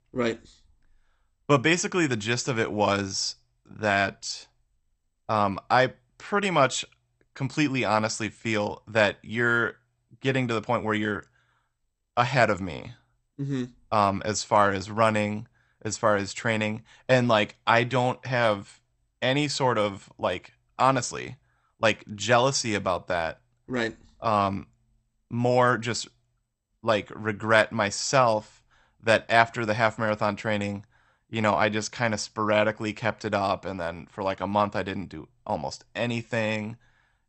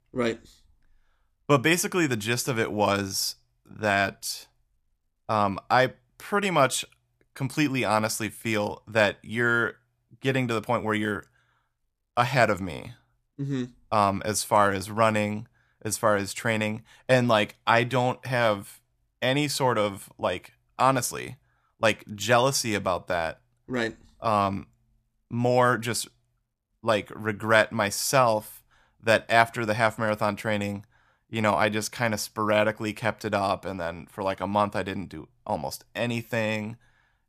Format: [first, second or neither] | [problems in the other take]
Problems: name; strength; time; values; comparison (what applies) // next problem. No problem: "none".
second | garbled, watery; slightly; nothing above 8 kHz